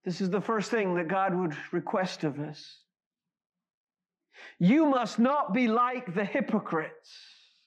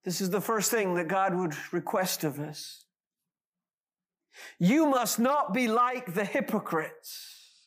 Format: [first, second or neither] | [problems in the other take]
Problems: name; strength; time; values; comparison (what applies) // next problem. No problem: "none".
second | muffled; slightly; fading above 4 kHz